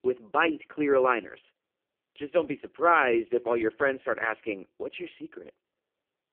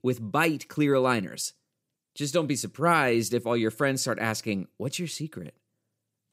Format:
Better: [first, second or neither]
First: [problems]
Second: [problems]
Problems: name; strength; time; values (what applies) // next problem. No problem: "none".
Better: second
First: phone-call audio; poor line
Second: none